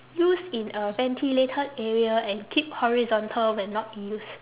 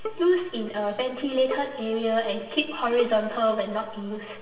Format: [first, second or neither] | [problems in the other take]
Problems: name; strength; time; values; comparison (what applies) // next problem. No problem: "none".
first | background sound (Bowed string instrument); 16 dB below the speech // room echo; dies away in 1.4 s